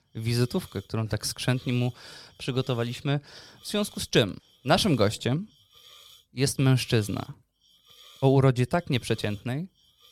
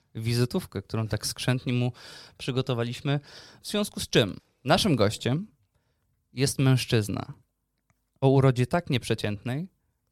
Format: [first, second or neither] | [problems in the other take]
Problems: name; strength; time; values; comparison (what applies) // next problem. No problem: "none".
second | hiss; faint; throughout; 25 dB below the speech